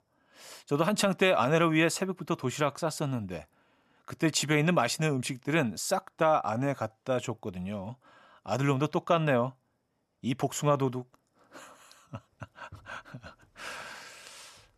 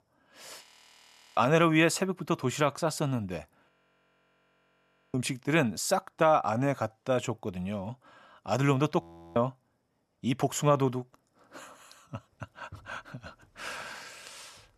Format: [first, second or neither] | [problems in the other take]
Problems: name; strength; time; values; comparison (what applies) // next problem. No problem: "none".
first | audio freezing; at 0.5 s for 0.5 s, at 3.5 s for 1.5 s and at 9 s